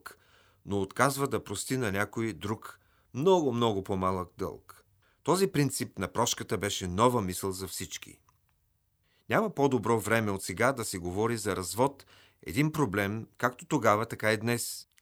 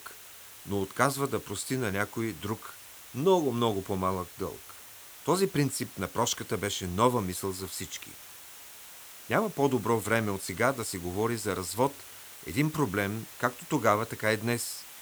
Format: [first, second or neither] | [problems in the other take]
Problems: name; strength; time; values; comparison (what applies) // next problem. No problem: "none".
first | hiss; noticeable; throughout; 15 dB below the speech